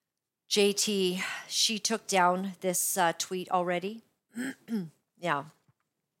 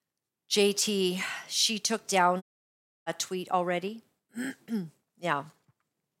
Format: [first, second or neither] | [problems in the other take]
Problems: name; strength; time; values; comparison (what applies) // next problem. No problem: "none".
first | audio cutting out; at 2.5 s for 0.5 s